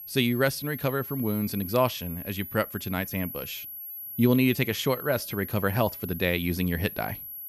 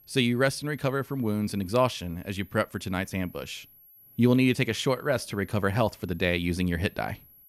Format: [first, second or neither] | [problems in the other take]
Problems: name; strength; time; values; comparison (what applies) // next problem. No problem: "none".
second | high-pitched whine; loud; throughout; 11.5 kHz, 10 dB below the speech; faint in the second